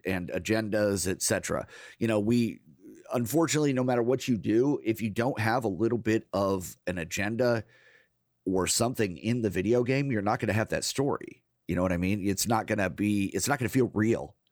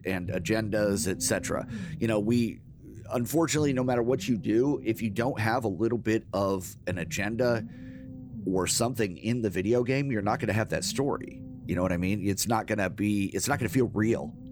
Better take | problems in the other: first | low rumble; faint; throughout; 20 dB below the speech

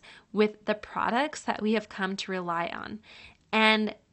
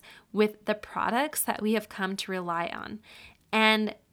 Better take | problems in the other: second | garbled, watery; slightly; nothing above 8 kHz

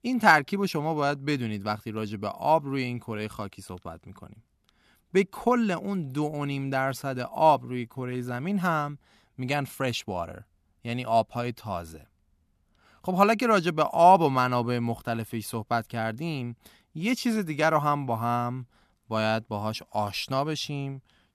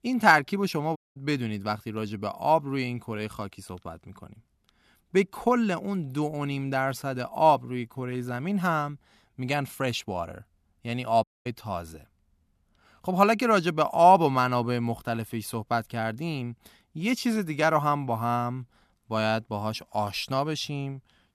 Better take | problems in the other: first | audio cutting out; at 1 s and at 11 s

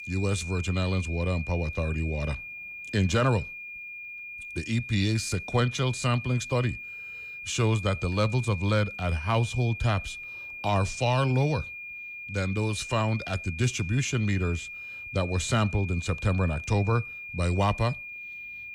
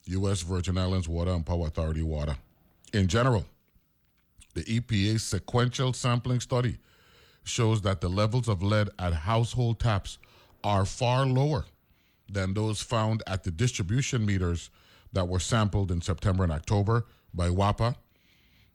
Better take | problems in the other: second | high-pitched whine; loud; throughout; 2.5 kHz, 10 dB below the speech

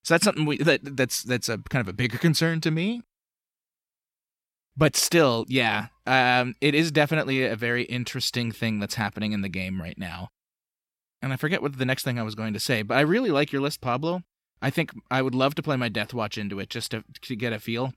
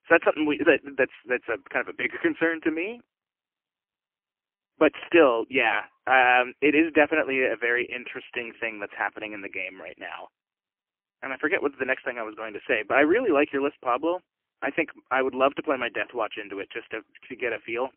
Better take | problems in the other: first | phone-call audio; poor line; nothing above 3 kHz

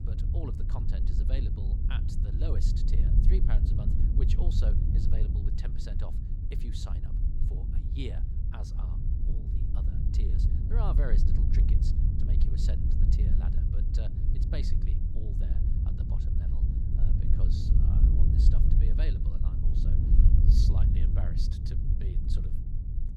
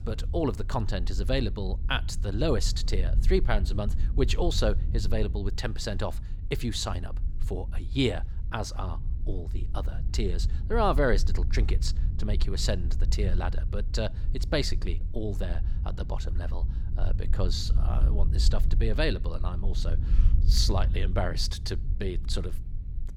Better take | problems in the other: second | wind noise on the microphone; heavy; 2 dB above the speech; occasional gusts in the second

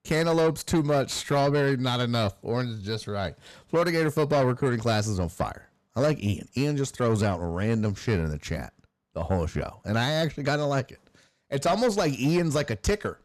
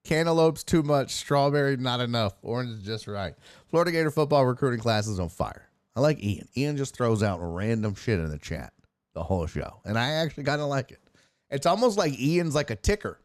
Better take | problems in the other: second | distortion; slight; 10 dB below the speech

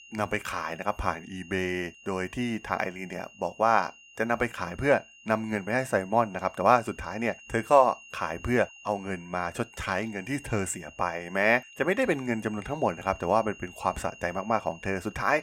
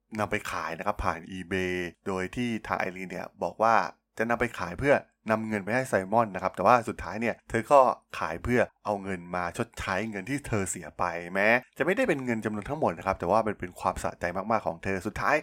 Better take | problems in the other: second | high-pitched whine; faint; throughout; 3 kHz, 20 dB below the speech

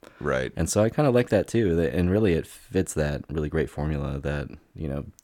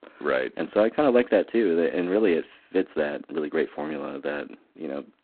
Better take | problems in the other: first | phone-call audio; poor line; nothing above 4 kHz

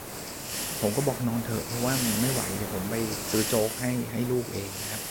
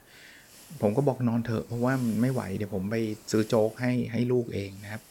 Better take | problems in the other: second | hiss; loud; throughout; 1 dB below the speech; faint in the second

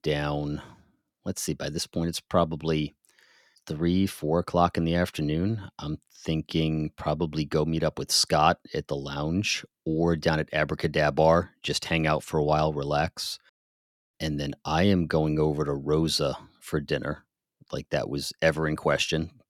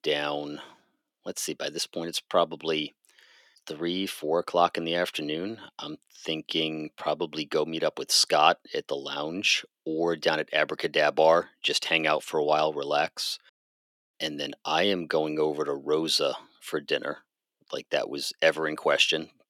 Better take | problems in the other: first | thin; somewhat; fading below 400 Hz

